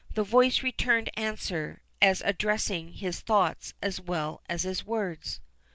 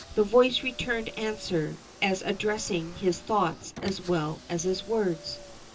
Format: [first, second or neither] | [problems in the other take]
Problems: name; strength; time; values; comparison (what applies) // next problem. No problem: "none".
first | background sound (Car); 18 dB below the speech // room echo; dies away in 0.2 s